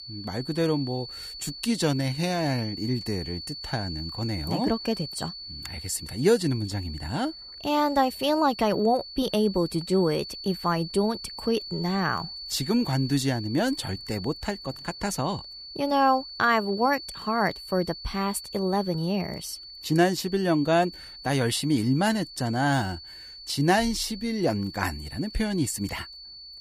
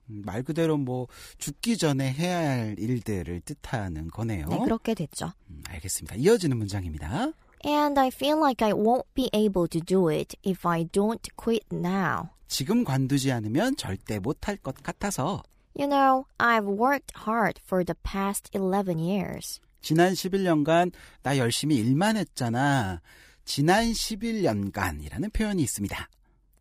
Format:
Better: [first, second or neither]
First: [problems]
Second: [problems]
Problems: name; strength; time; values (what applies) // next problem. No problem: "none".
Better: second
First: high-pitched whine; noticeable; throughout; 4.5 kHz, 10 dB below the speech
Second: none